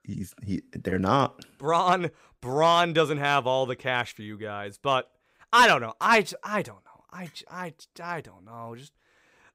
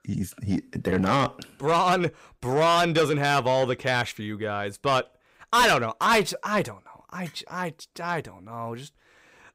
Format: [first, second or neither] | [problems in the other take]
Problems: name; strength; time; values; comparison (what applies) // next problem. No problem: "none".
first | distortion; heavy; 7 dB below the speech